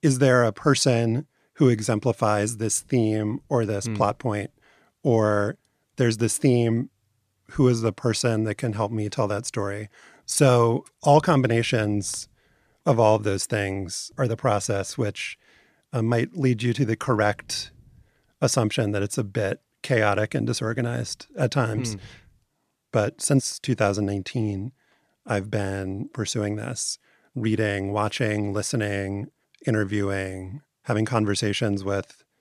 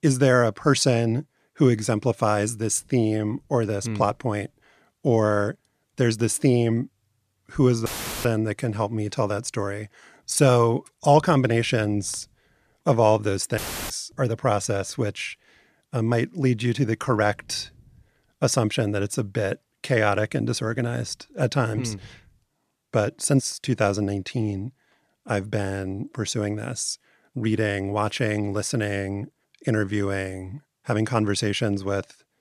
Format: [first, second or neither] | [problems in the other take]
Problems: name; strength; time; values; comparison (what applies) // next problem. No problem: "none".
first | audio cutting out; filled with static; at 8 s and at 14 s